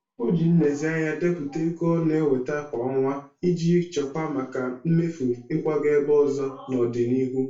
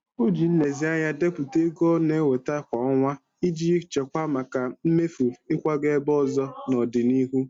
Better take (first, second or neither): second